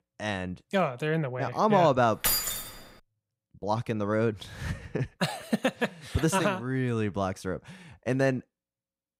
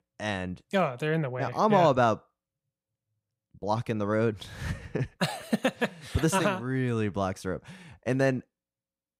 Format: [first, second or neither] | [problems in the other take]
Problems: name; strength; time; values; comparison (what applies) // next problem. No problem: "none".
second | jangling keys; loud; at 2 s; peak 3 dB above the speech